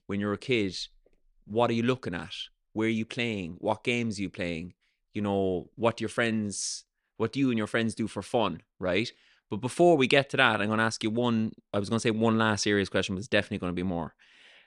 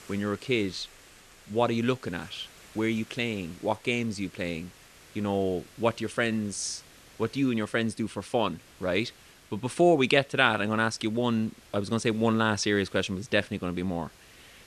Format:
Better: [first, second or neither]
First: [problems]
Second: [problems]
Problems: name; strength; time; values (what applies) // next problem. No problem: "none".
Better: first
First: none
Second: hiss; faint; throughout; 25 dB below the speech